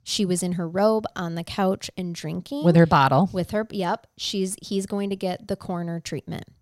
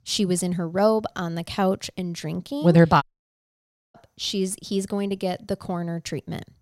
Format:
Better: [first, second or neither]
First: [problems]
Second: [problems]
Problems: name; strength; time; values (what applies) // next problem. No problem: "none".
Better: first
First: none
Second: audio cutting out; at 3 s for 1 s